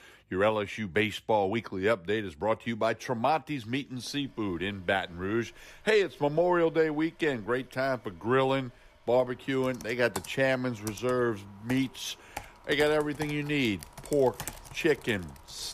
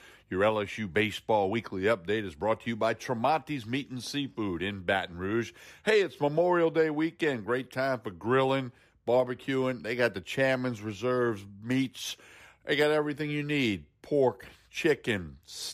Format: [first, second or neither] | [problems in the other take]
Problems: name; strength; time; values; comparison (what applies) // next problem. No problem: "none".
second | household noises; noticeable; from 4 s on; 15 dB below the speech